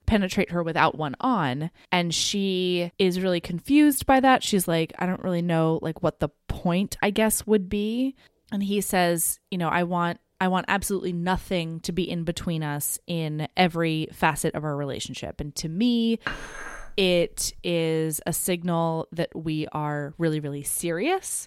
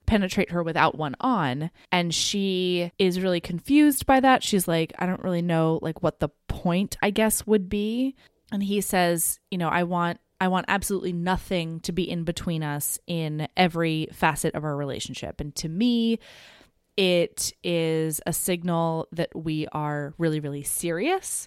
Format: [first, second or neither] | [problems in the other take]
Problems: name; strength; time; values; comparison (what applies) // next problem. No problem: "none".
second | clattering dishes; noticeable; from 16 to 18 s; peak 8 dB below the speech